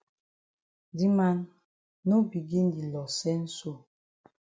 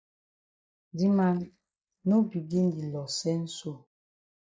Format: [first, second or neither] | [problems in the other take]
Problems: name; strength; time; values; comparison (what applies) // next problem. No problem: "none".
first | noise reduction (neural mask model Resemble Enhance denoiser)